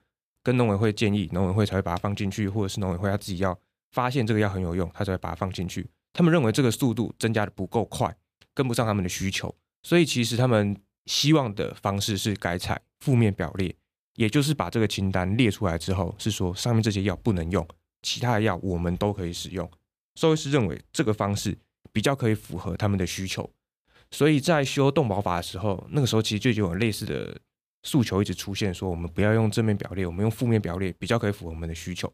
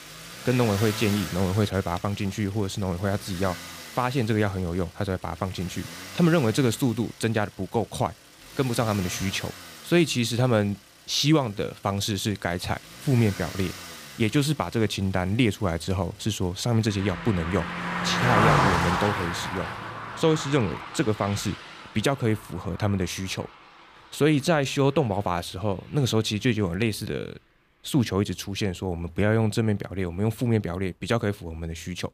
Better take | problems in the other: first | traffic noise; loud; throughout; 5 dB below the speech

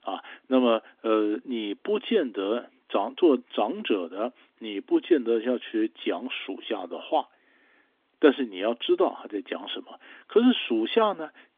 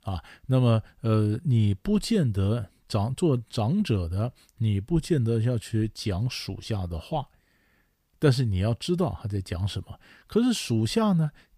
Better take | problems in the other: second | phone-call audio; nothing above 3.5 kHz

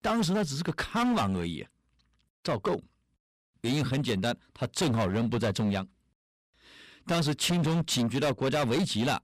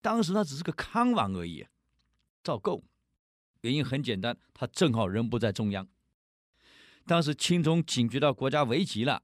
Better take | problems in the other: second | distortion; heavy; 16% of the sound clipped

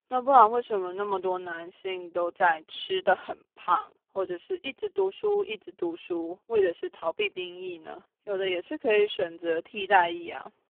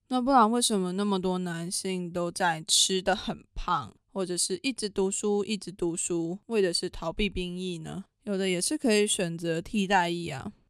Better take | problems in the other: second | phone-call audio; poor line; nothing above 3.5 kHz

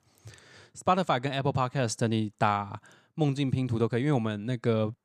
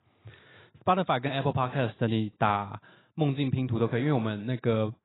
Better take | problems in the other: first | garbled, watery; badly; nothing above 4 kHz

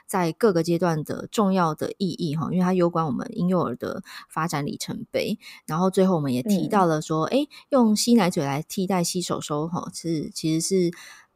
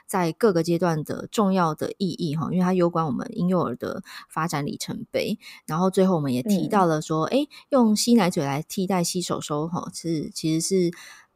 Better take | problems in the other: neither | none

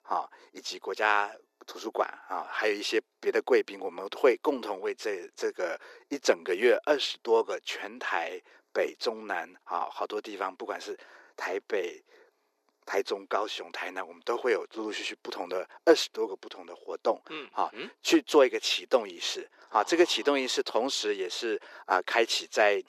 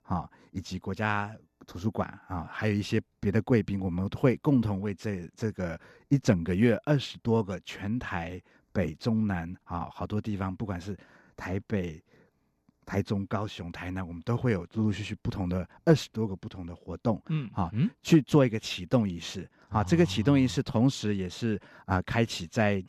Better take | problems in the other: second | thin; very; fading below 350 Hz

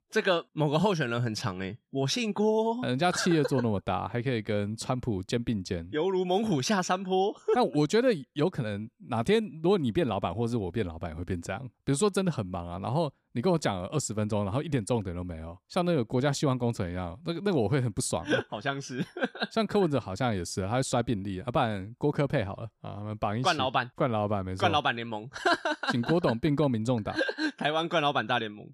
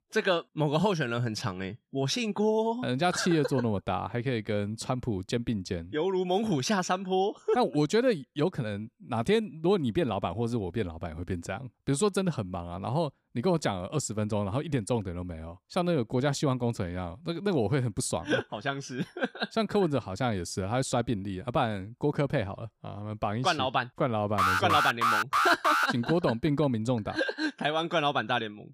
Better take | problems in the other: first | alarm; loud; from 24 to 26 s; peak 5 dB above the speech

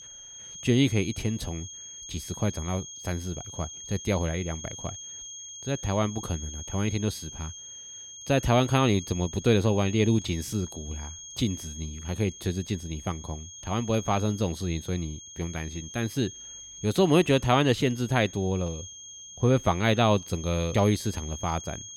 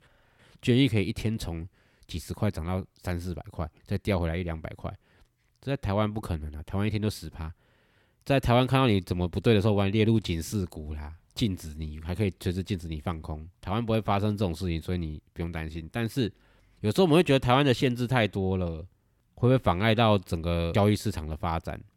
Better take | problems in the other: second | high-pitched whine; noticeable; throughout; 6.5 kHz, 15 dB below the speech

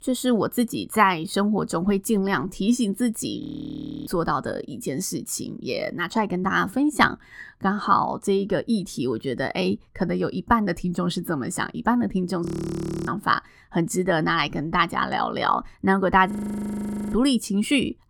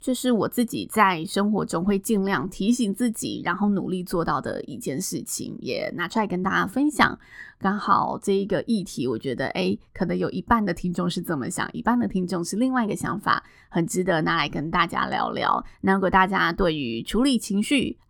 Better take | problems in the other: second | audio freezing; at 3.5 s for 0.5 s, at 12 s for 0.5 s and at 16 s for 1 s

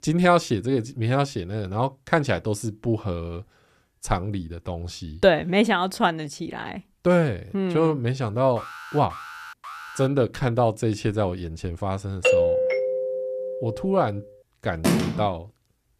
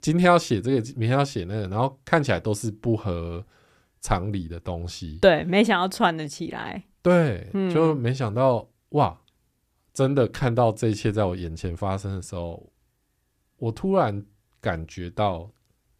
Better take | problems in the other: second | alarm; faint; from 8.5 to 10 s; peak 10 dB below the speech // doorbell; loud; from 12 to 14 s; peak 5 dB above the speech // phone ringing; loud; at 15 s; peak 2 dB above the speech

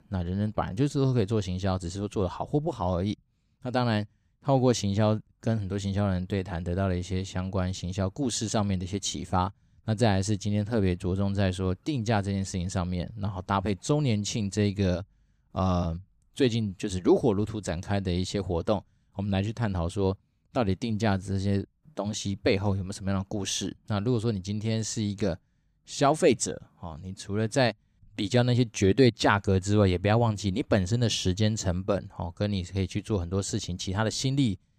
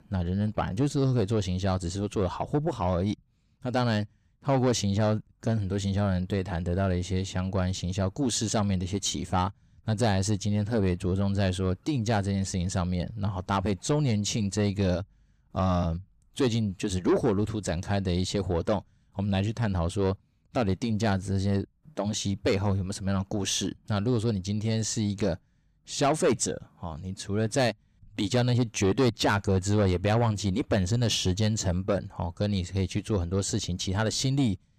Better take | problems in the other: first | distortion; slight; 10 dB below the speech

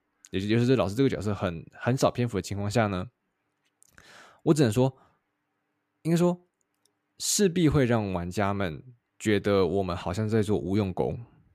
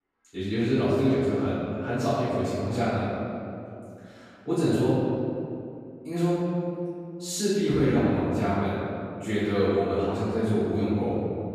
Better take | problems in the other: first | off-mic speech; far // room echo; strong; dies away in 2.4 s

